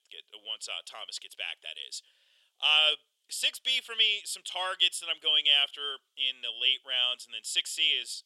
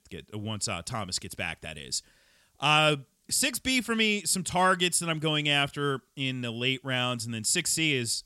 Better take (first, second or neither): second